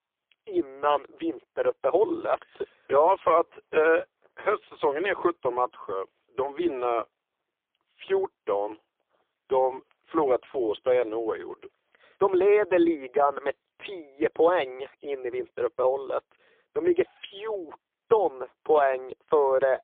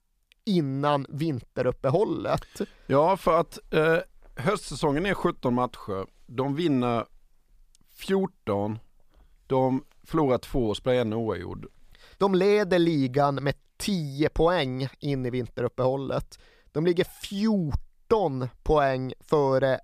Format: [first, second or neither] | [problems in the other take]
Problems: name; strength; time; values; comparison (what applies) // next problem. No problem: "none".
second | phone-call audio; poor line